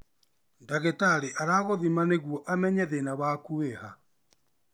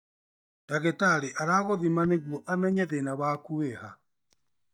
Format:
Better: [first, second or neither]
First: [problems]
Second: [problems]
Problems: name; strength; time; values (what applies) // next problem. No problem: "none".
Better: first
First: none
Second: noise reduction (neural mask model DeepFilterNet 3)